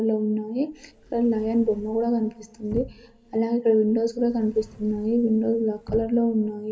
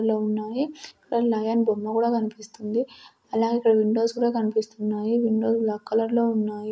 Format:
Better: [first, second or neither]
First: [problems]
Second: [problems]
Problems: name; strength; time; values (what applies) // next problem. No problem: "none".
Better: second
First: background sound (Sliding door / Slam / Wood); 19 dB below the speech // room echo; dies away in 2.8 s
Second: none